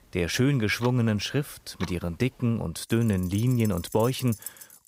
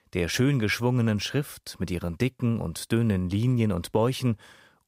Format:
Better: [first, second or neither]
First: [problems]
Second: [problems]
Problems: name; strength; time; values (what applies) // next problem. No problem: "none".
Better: second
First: household noises; noticeable; throughout; 15 dB below the speech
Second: none